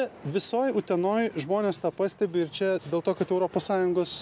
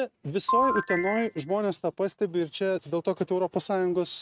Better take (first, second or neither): first